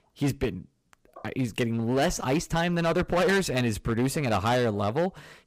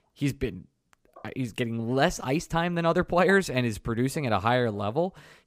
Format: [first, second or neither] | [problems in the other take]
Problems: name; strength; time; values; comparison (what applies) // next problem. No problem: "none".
second | distortion; heavy; 11% of the sound clipped